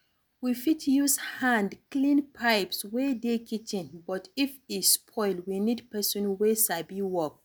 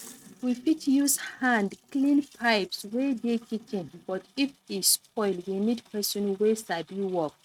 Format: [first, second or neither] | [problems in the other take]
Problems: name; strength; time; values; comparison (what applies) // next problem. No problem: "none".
first | noise reduction (neural mask model RNNoise)